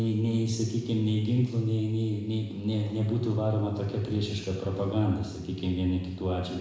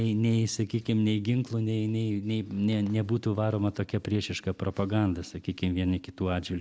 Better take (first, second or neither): second